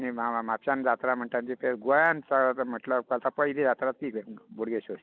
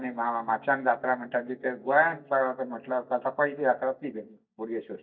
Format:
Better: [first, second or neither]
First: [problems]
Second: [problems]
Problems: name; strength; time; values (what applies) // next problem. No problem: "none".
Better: first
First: none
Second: noise reduction (neural mask model DeepFilterNet 3)